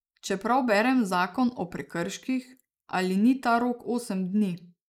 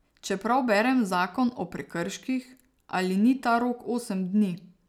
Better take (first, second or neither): second